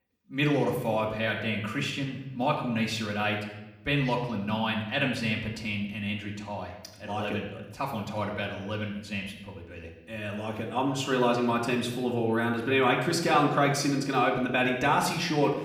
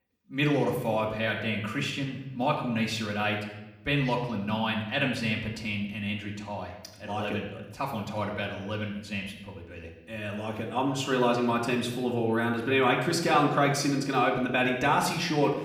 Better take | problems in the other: neither | room echo; slight; dies away in 0.8 s; the same in both // off-mic speech; far; the same in both

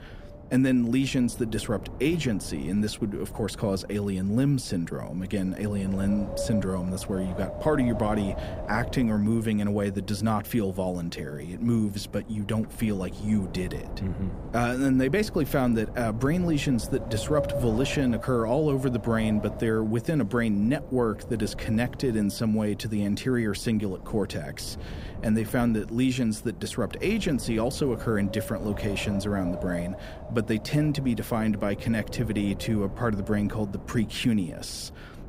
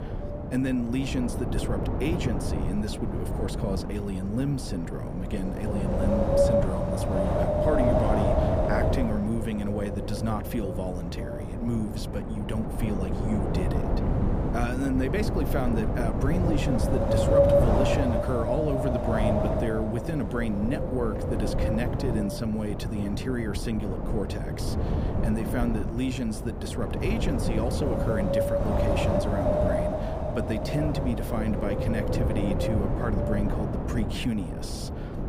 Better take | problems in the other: first | wind noise on the microphone; heavy; 4 dB above the speech; occasional gusts in the first

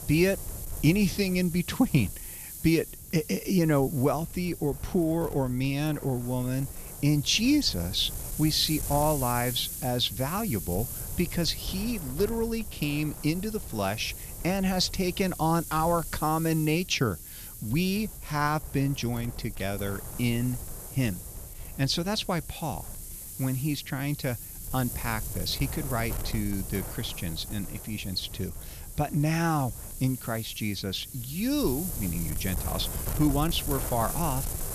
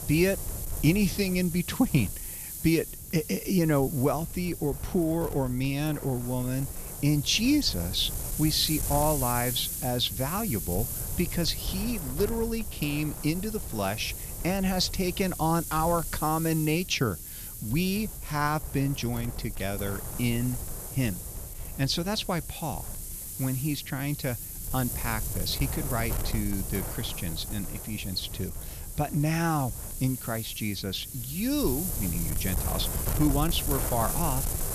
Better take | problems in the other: first | wind noise on the microphone; heavy; 9 dB below the speech; occasional gusts in the first

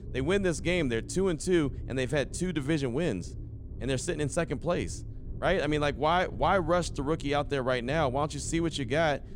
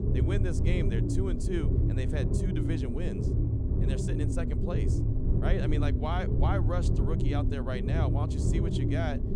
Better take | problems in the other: first | low rumble; loud; throughout; 1 dB below the speech; faint in the first

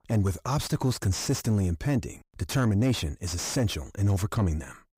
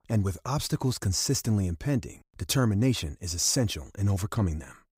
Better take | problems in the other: second | distortion; slight; 9 dB below the speech

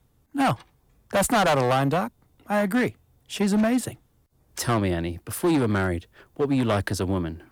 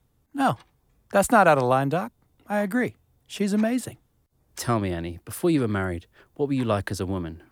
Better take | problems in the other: second | distortion; heavy; 9% of the sound clipped

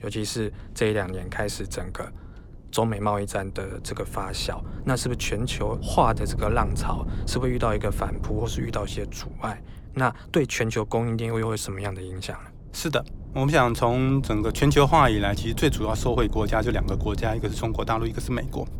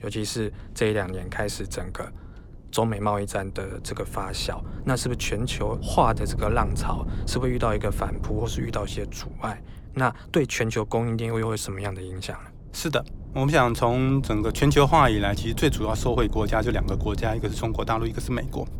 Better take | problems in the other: neither | wind noise on the microphone; occasional gusts; 20 dB below the speech; the same in both

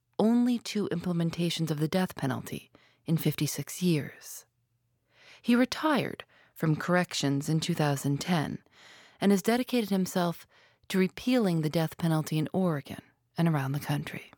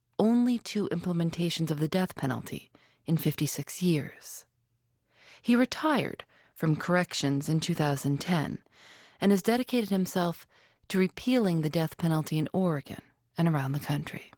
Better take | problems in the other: first | garbled, watery; slightly; nothing above 18 kHz

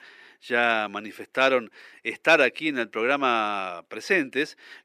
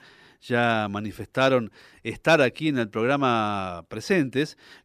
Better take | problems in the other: second | thin; very slightly; fading below 350 Hz

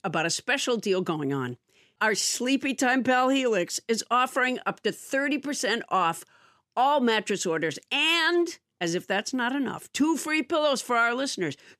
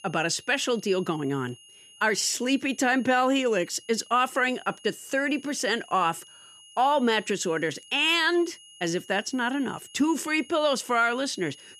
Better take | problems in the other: first | high-pitched whine; faint; throughout; 3 kHz, 25 dB below the speech

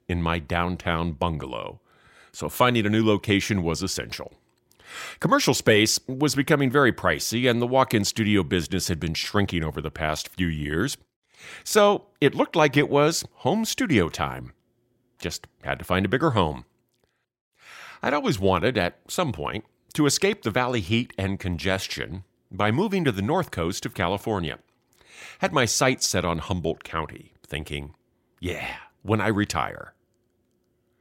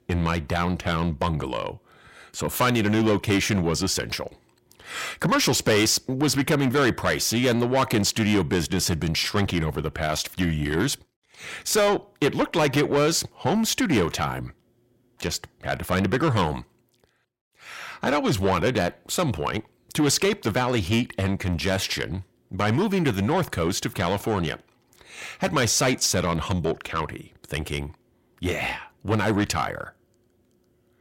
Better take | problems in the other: first | distortion; heavy; 8 dB below the speech

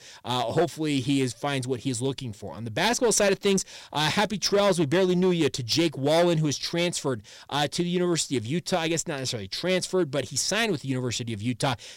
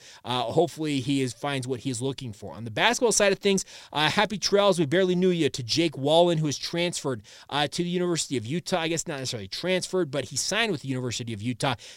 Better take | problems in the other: second | distortion; slight; 4% of the sound clipped

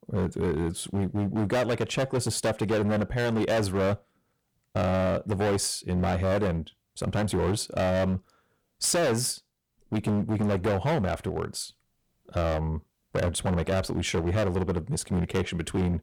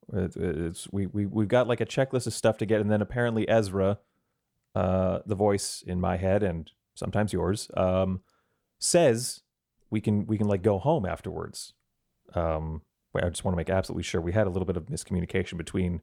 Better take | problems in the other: second | distortion; heavy; 18% of the sound clipped

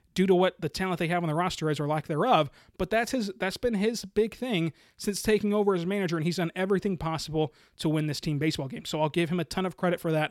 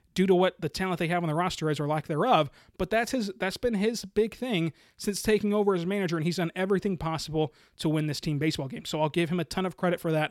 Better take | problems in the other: neither | none

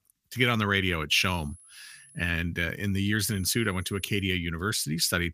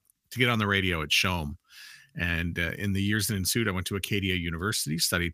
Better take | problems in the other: second | high-pitched whine; faint; from 1 to 2.5 s and at 3 s; 10.5 kHz, 25 dB below the speech

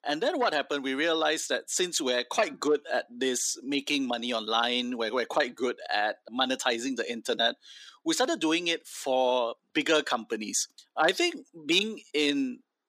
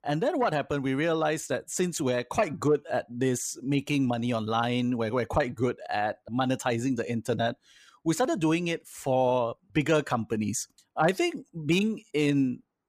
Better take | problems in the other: second | thin; very slightly; fading below 250 Hz

